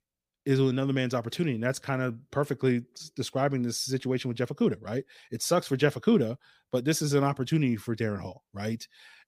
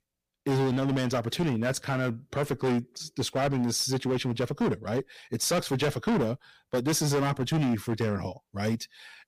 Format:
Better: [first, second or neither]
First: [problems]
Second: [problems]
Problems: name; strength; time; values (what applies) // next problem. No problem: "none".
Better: first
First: none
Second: distortion; heavy; 14% of the sound clipped